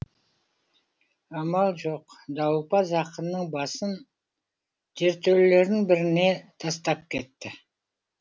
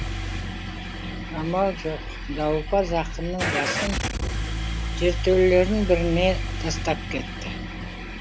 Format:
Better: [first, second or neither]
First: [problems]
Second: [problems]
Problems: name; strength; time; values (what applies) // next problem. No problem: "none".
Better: first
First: none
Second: background sound (Engine starting / Car); 3 dB below the speech